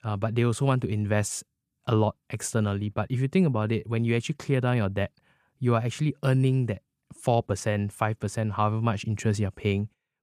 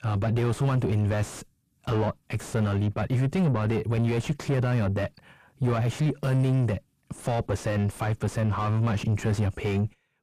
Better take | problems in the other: first | distortion; heavy; 6 dB below the speech

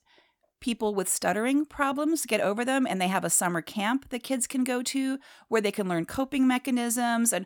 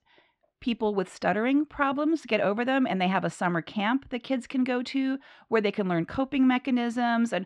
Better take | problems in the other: first | muffled; slightly; fading above 3.5 kHz

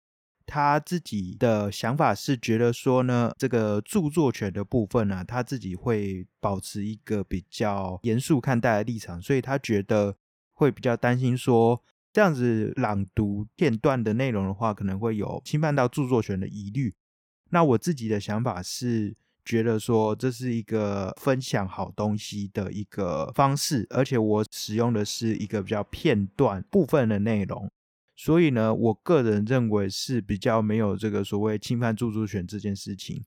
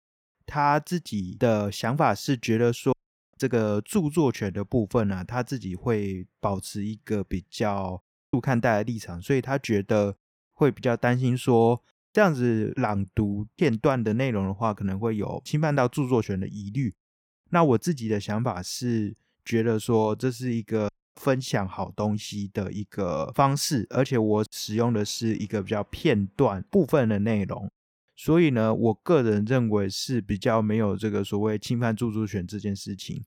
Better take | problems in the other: first | audio cutting out; at 3 s, at 8 s and at 21 s

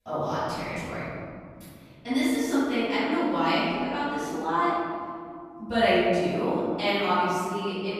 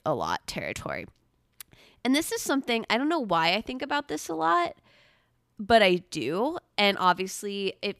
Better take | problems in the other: second | off-mic speech; far // room echo; strong; dies away in 2.9 s

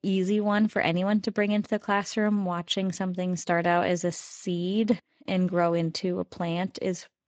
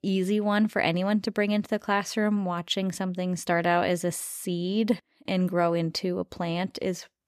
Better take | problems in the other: second | garbled, watery; slightly; nothing above 7.5 kHz

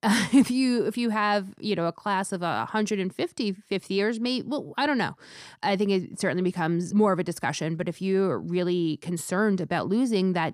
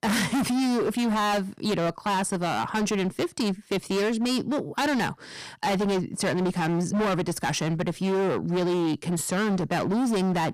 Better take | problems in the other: first | distortion; heavy; 30% of the sound clipped

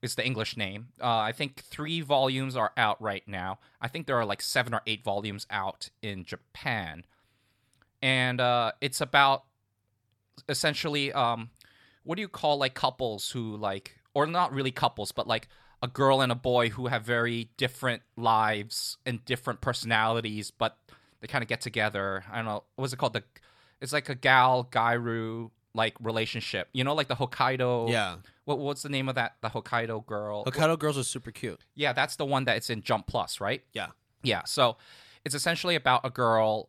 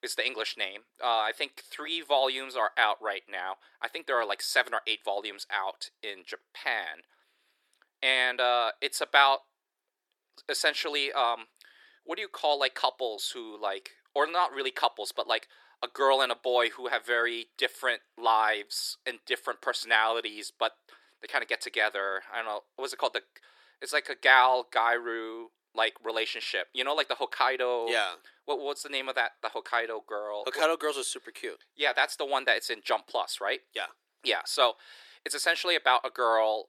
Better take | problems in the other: first | thin; very; fading below 350 Hz

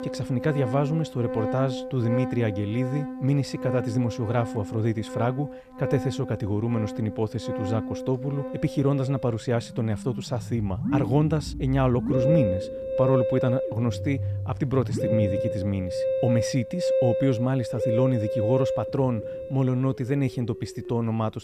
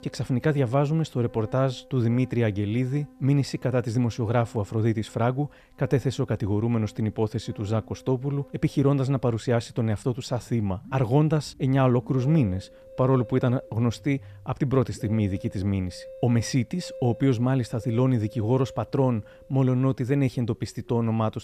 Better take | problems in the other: second | background music; loud; throughout; 3 dB below the speech; faint in the second

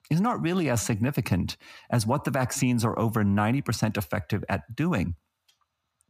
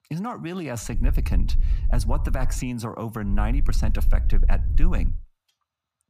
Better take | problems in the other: first | low rumble; noticeable; from 1 to 2.5 s and from 3.5 to 5 s; 15 dB below the speech

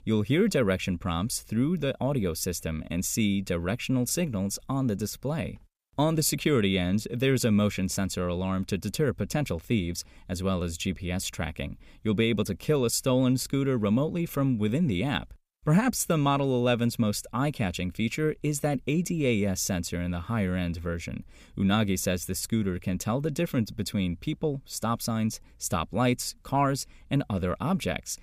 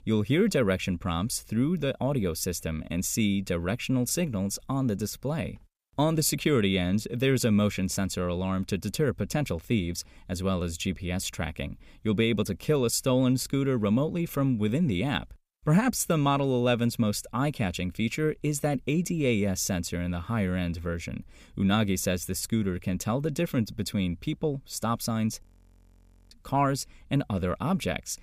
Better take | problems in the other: first | audio freezing; at 25 s for 1 s

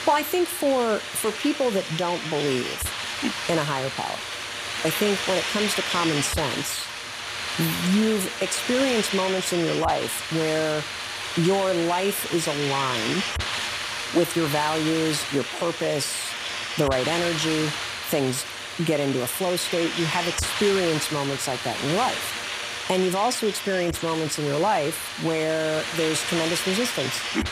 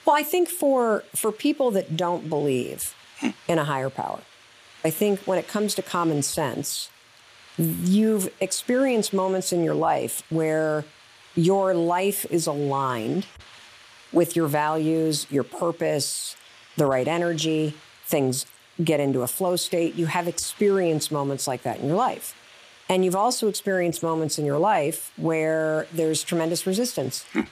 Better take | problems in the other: second | hiss; loud; throughout; 3 dB below the speech; faint in the second

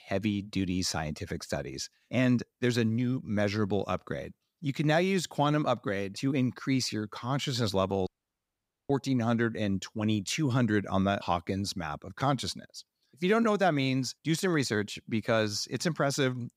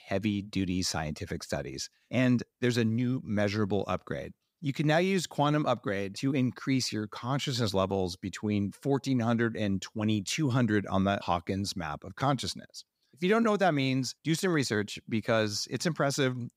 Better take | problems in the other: second | audio cutting out; at 8 s for 1 s

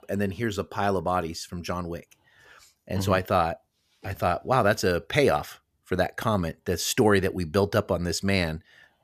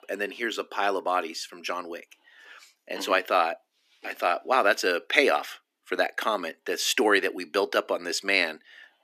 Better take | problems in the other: first | thin; somewhat; fading below 250 Hz

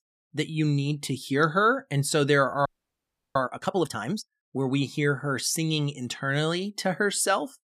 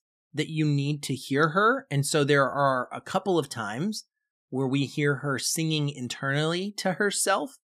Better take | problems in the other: second | audio freezing; at 2.5 s for 0.5 s

